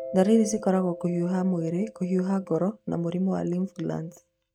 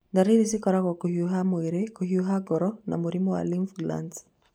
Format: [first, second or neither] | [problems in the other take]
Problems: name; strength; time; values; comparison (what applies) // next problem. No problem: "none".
second | noise reduction (neural mask model RNNoise)